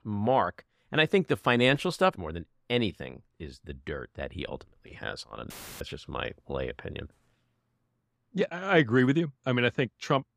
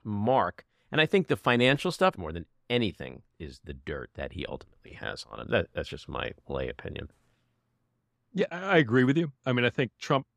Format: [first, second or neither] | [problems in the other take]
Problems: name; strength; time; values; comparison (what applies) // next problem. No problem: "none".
second | audio cutting out; filled with static; at 5.5 s